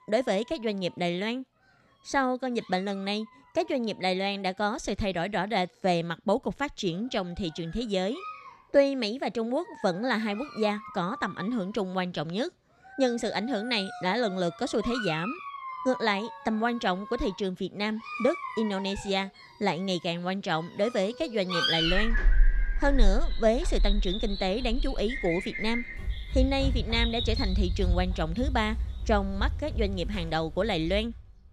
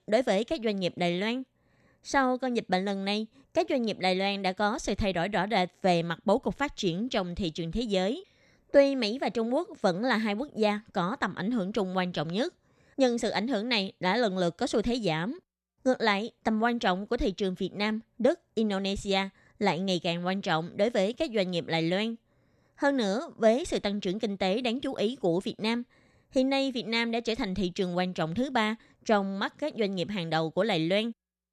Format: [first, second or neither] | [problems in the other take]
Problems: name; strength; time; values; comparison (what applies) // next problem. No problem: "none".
second | animal sounds; loud; throughout; 4 dB below the speech